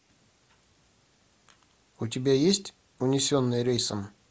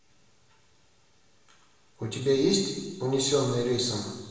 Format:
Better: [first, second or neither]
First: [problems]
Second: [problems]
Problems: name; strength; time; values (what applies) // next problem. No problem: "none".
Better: first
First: none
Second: room echo; dies away in 1.2 s